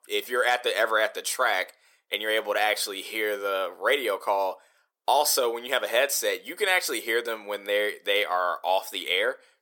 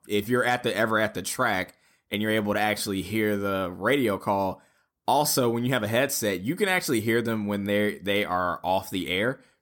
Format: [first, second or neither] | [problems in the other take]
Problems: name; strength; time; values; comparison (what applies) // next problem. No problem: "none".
second | thin; very; fading below 450 Hz